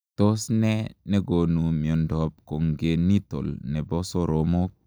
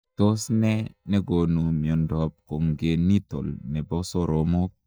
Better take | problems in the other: first | noise reduction (neural mask model DeepFilterNet 3)

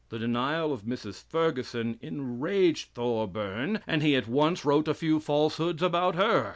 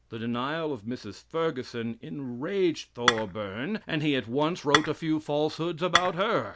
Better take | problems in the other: first | background sound (Dishes, pots, and pans / Chink, clink); 2 dB above the speech

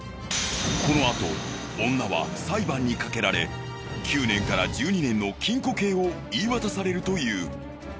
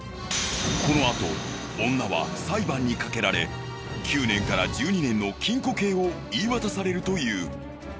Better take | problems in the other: first | background sound (Accordion); 20 dB below the speech

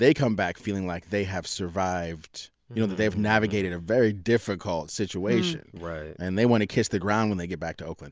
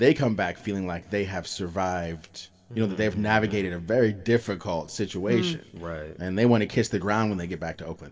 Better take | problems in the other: first | room echo; dies away in 1.6 s

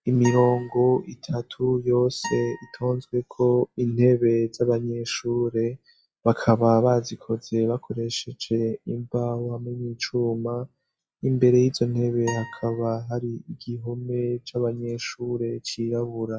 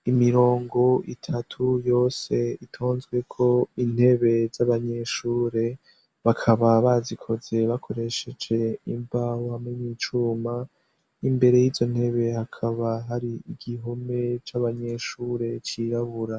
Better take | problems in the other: second | noise reduction (classical method log-MMSE)

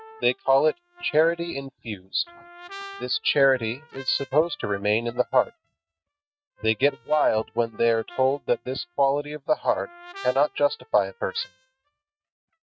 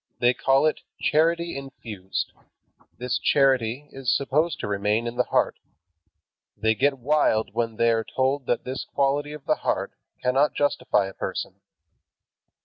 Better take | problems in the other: second | noise reduction (neural mask model RNNoise)

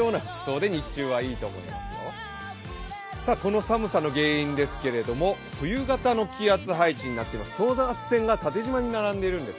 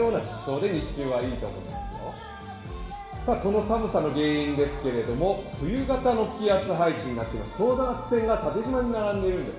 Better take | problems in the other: first | room echo; dies away in 0.9 s

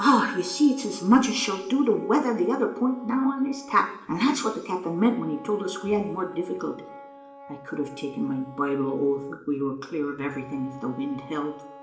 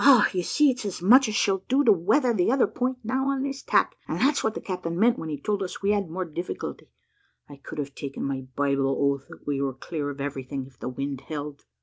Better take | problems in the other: second | background sound (Wind instrument, woodwind instrument); 19 dB below the speech // room echo; dies away in 0.8 s

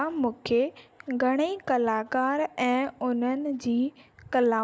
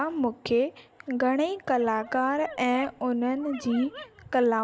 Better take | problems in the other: first | background sound (Dog); 18 dB below the speech

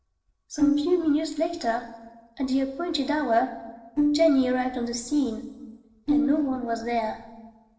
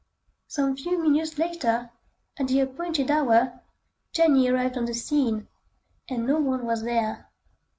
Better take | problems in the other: second | noise reduction (neural separator model SepFormer DNS4)

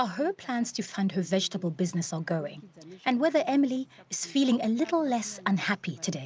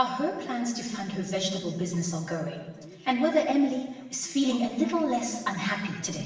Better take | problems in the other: first | room echo; dies away in 1.1 s

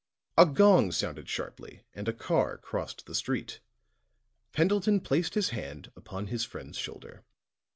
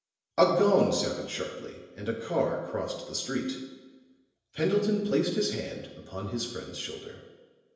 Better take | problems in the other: first | room echo; dies away in 1 s

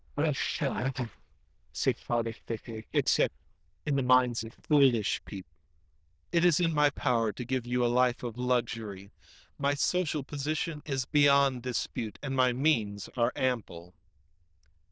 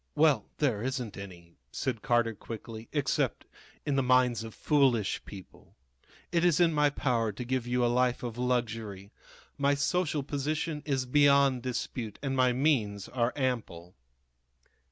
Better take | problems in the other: second | noise reduction (neural diffusion model UNIVERSE++)

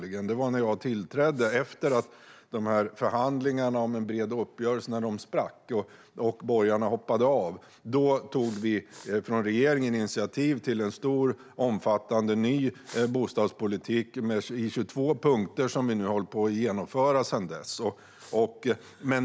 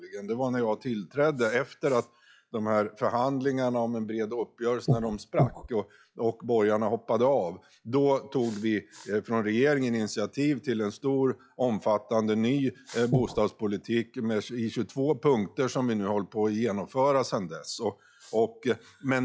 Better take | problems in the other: first | noise reduction (classical method log-MMSE)

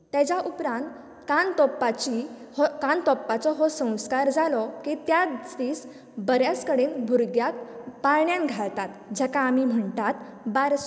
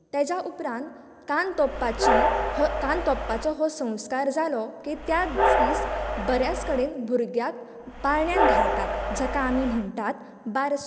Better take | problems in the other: first | background sound (Train); 1 dB above the speech

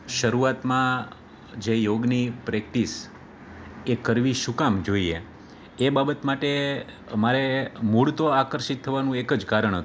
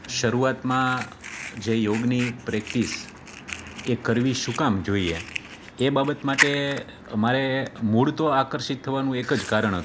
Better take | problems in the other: first | background sound (Fire); 11 dB below the speech

